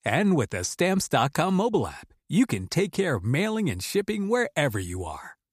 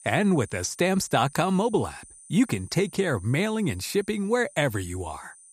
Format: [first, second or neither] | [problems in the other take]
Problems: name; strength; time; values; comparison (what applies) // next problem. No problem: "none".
first | high-pitched whine; faint; throughout; 9 kHz, 20 dB below the speech